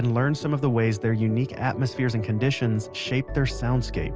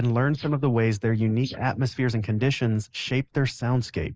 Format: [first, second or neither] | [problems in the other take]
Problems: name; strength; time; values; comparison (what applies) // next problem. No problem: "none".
first | noise reduction (neural mask model Resemble Enhance denoiser)